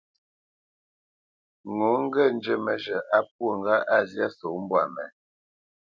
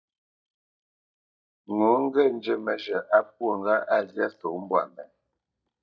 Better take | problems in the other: first | noise reduction (neural mask model DeepFilterNet 3)

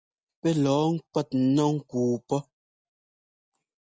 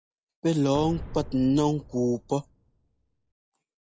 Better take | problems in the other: first | background sound (Boom); 14 dB below the speech

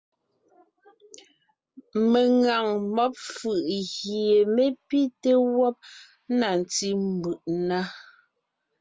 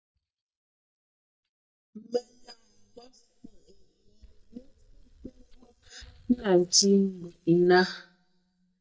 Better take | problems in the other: first | noise reduction (neural mask model DeepFilterNet 3)

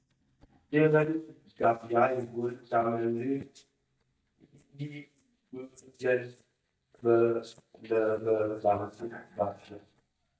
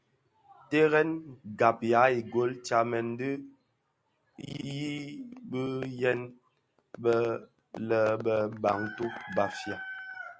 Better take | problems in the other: second | noise reduction (neural mask model DeepFilterNet 3)

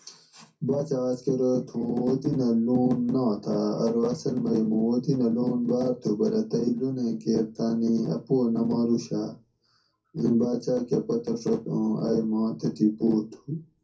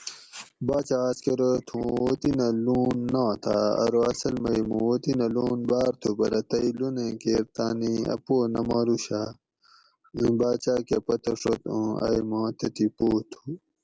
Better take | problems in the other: second | room echo; dies away in 0.3 s

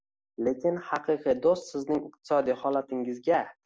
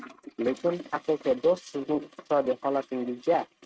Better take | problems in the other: first | noise reduction (neural mask model RNNoise)

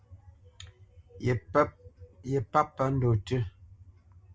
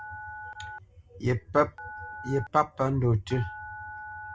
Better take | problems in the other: first | background sound (Telephone); 13 dB below the speech

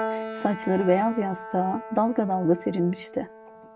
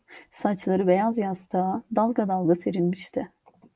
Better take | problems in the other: second | background sound (Piano); 11 dB below the speech

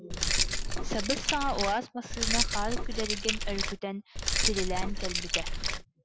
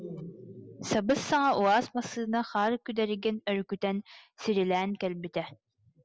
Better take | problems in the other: second | background sound (Keys jangling); 5 dB above the speech

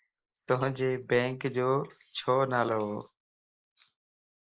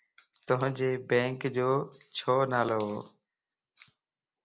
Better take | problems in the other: second | noise reduction (neural mask model Resemble Enhance denoiser)

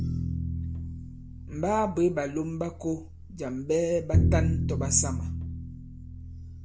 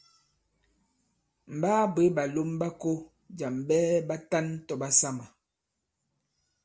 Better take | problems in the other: second | background sound (Bowed string instrument); as loud as the speech

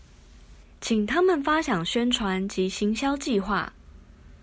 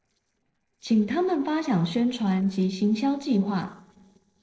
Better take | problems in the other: first | noise reduction (neural separator model SepFormer DNS4)

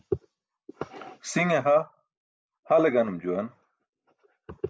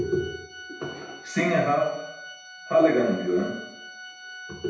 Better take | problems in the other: first | background sound (Organ); 15 dB below the speech // room echo; dies away in 0.8 s

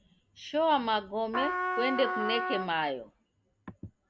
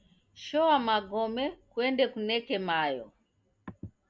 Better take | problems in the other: second | background sound (Trumpet); 2 dB below the speech

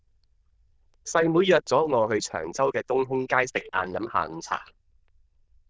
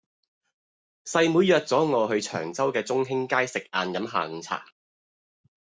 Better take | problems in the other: second | noise reduction (neural diffusion model UNIVERSE++)

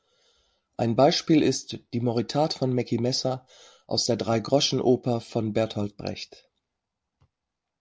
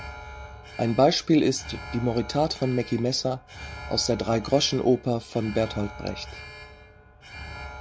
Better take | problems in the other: first | background sound (Alarm); 14 dB below the speech

